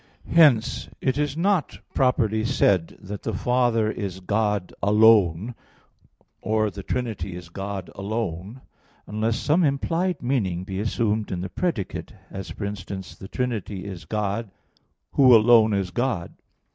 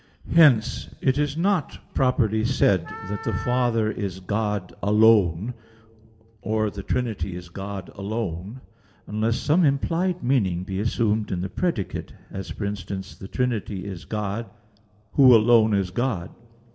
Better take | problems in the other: first | background sound (Wind instrument, woodwind instrument); 14 dB below the speech // room echo; dies away in 0.7 s

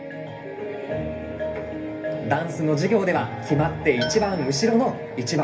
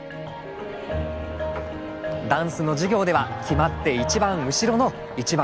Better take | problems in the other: second | background sound (Tools); 13 dB below the speech // room echo; dies away in 0.3 s

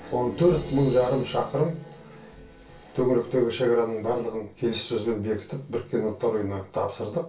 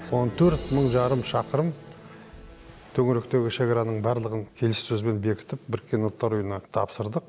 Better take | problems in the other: second | room echo; dies away in 0.2 s

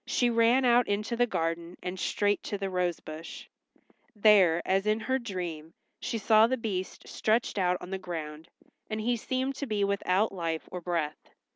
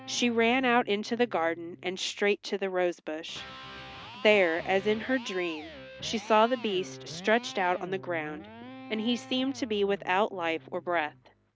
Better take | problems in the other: first | background sound (Electric guitar); 17 dB below the speech

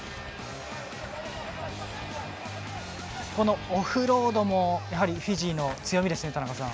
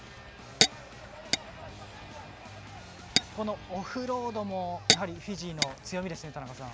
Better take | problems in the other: first | background sound (Tap / Glass); 3 dB above the speech

